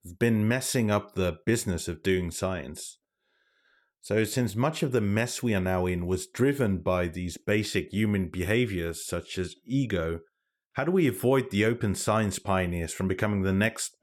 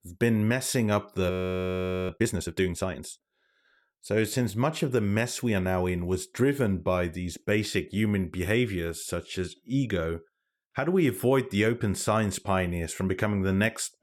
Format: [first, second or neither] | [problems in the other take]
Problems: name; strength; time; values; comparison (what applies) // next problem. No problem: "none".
first | audio freezing; at 1.5 s for 1 s